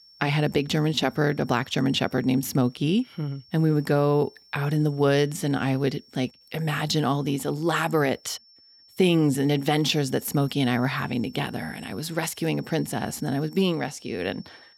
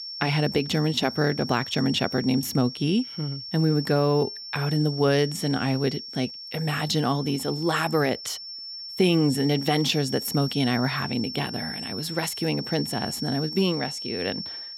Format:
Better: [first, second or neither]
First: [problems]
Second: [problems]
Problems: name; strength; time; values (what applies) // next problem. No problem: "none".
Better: first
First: high-pitched whine; faint; throughout; 5.5 kHz, 25 dB below the speech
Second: high-pitched whine; loud; throughout; 5.5 kHz, 8 dB below the speech